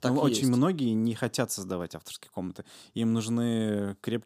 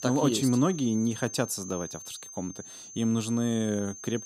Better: first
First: none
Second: high-pitched whine; noticeable; throughout; 6.5 kHz, 10 dB below the speech

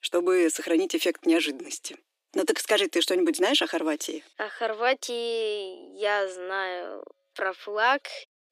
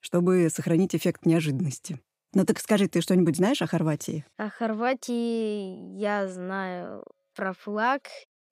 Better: second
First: thin; very; fading below 300 Hz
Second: none

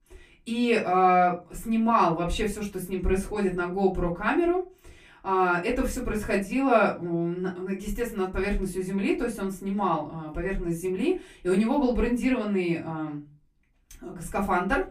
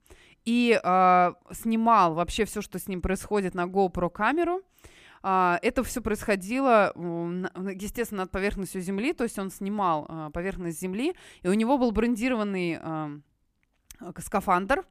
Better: second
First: off-mic speech; far // room echo; very slight; dies away in 0.2 s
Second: none

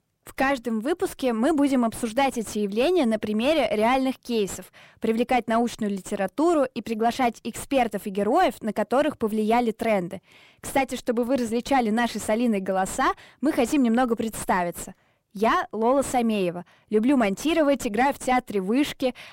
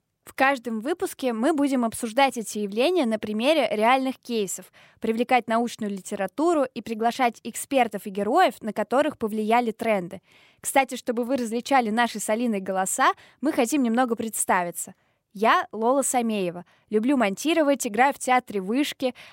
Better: second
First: distortion; slight; 9 dB below the speech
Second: none

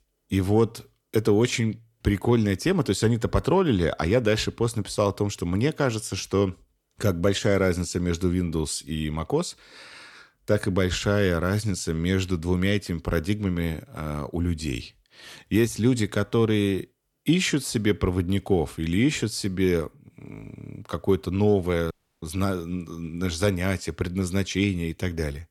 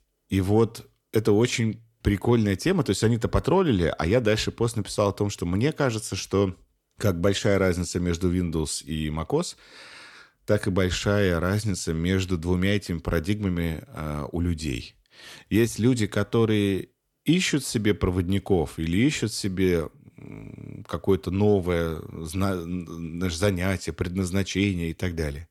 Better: second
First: audio cutting out; at 22 s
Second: none

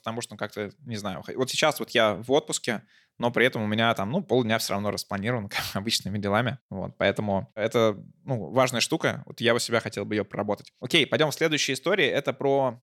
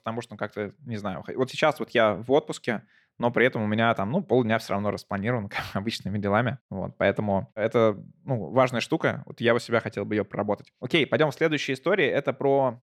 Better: first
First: none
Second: muffled; slightly; fading above 3.5 kHz

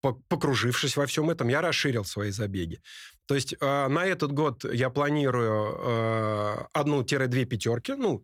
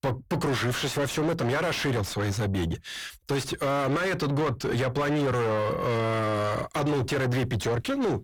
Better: first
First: none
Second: distortion; heavy; 5 dB below the speech

